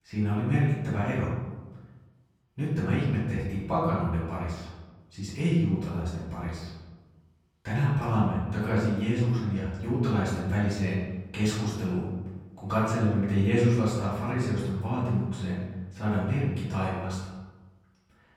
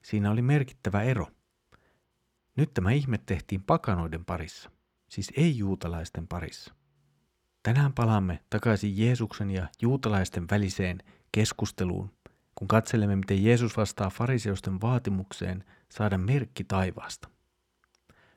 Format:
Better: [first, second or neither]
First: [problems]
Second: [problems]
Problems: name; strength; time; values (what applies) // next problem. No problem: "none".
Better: second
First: off-mic speech; far // room echo; noticeable; dies away in 1.1 s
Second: none